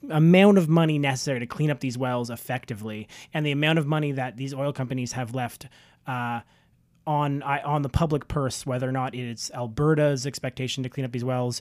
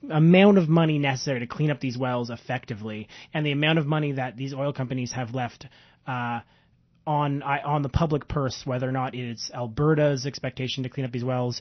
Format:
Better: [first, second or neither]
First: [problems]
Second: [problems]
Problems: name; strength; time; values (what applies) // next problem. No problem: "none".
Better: first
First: none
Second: garbled, watery; slightly; nothing above 6 kHz